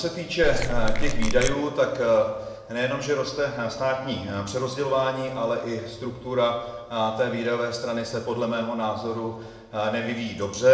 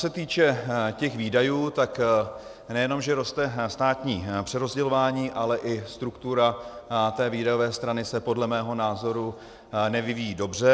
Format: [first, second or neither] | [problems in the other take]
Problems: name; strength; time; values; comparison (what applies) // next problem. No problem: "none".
second | background sound (Squeak / Tools); 5 dB above the speech // room echo; dies away in 0.8 s